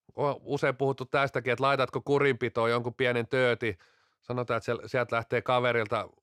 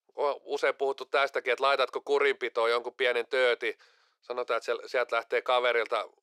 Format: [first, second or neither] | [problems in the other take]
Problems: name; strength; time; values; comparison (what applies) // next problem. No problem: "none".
first | thin; very; fading below 450 Hz